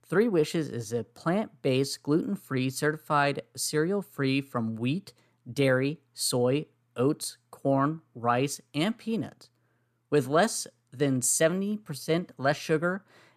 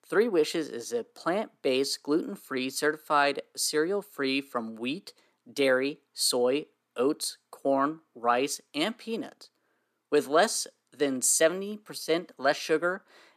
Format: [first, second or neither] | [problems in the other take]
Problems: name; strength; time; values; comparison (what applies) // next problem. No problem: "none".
first | thin; very slightly; fading below 300 Hz